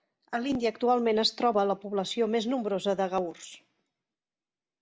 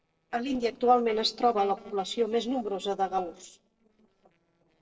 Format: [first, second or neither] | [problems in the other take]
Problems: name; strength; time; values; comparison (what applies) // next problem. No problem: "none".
first | noise reduction (neural separator model SepFormer DNS4)